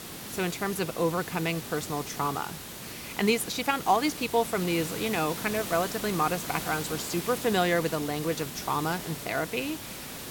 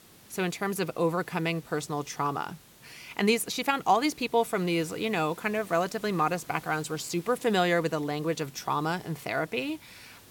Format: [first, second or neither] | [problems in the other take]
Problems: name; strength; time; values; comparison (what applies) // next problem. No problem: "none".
second | hiss; loud; throughout; 8 dB below the speech; faint in the second